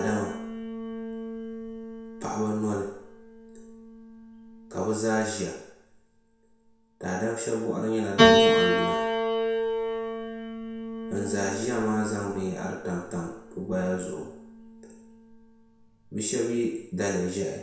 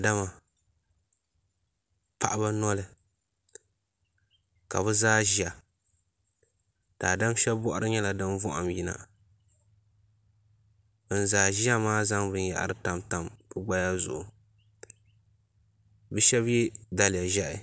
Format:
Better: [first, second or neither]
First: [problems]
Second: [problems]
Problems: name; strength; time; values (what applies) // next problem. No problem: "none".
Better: second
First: background sound (Piano); 1 dB above the speech // room echo; dies away in 0.7 s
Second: none